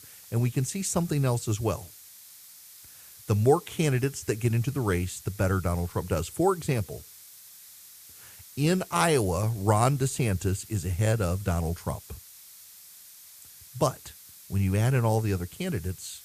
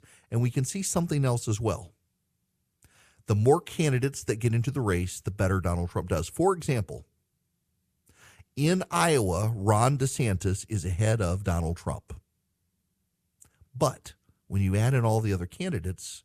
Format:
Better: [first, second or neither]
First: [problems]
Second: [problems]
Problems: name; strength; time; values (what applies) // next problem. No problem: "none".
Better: second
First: hiss; noticeable; throughout; 20 dB below the speech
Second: none